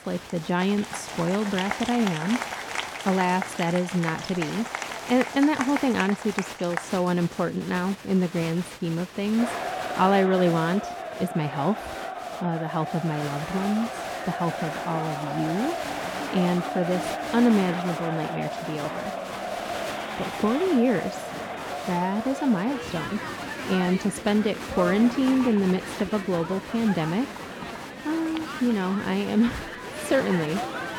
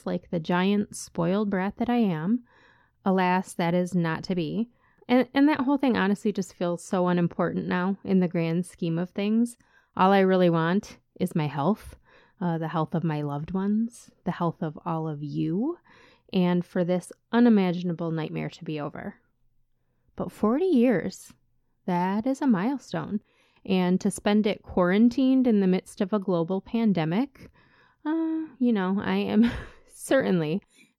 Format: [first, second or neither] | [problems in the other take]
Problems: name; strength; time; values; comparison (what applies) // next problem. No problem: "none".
second | crowd noise; loud; throughout; 7 dB below the speech